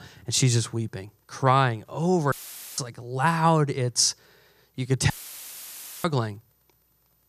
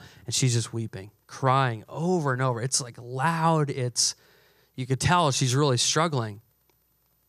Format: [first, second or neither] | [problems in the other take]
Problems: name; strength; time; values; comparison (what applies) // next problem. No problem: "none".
second | audio cutting out; filled with static; at 2.5 s and at 5 s for 1 s